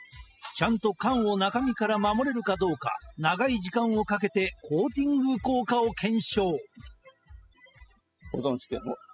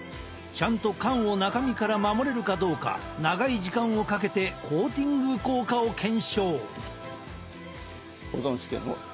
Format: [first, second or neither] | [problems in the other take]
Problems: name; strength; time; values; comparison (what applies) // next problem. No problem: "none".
second | noise reduction (classical method spectral subtraction)